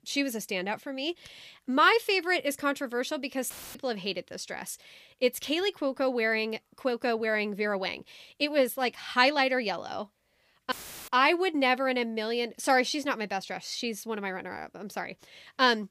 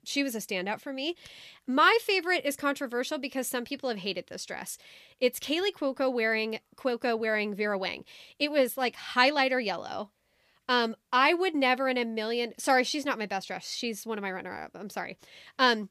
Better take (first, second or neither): second